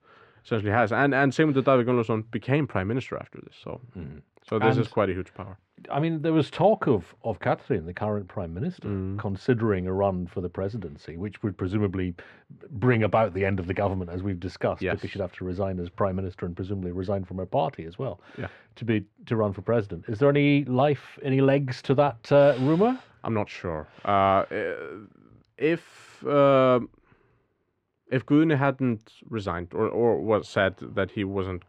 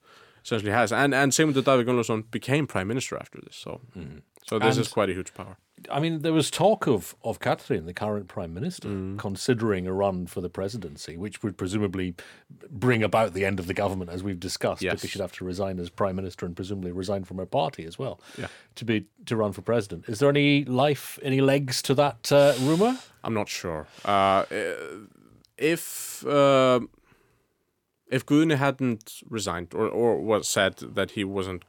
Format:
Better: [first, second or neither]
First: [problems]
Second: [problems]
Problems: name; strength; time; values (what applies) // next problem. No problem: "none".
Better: second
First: muffled; very; fading above 2 kHz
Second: none